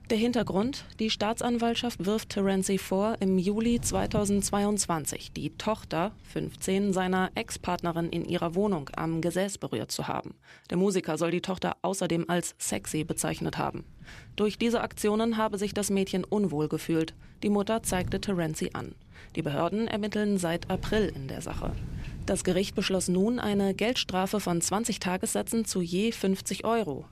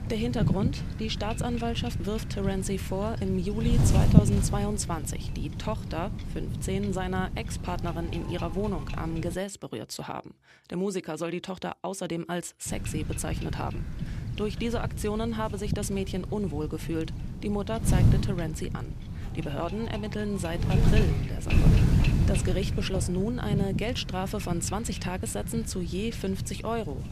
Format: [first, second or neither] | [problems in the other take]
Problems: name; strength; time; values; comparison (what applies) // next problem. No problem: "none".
first | wind noise on the microphone; heavy; until 9.5 s and from 13 s on; 5 dB below the speech; occasional gusts in the first